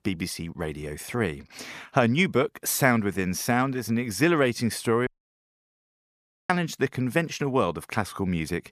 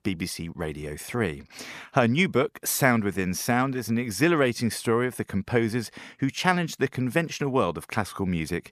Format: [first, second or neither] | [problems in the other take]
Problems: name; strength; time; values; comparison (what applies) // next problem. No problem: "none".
second | audio cutting out; at 5 s for 1.5 s